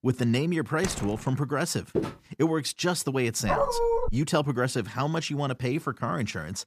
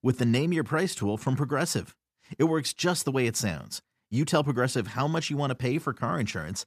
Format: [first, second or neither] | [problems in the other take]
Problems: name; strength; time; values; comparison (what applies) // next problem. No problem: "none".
second | door banging; noticeable; at 1 s; peak 7 dB below the speech // footsteps; noticeable; at 2 s; peak 3 dB below the speech // dog barking; loud; at 3.5 s; peak 3 dB above the speech